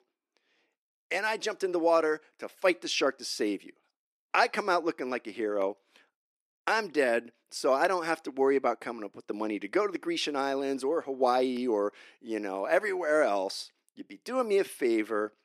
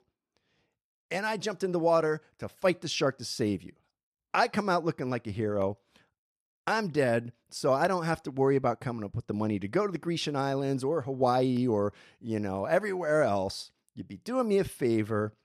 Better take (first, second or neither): second